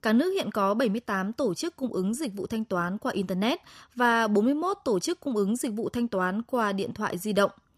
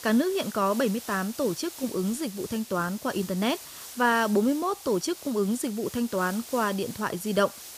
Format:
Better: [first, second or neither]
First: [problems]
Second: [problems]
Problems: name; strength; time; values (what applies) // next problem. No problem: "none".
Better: first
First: none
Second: hiss; noticeable; throughout; 15 dB below the speech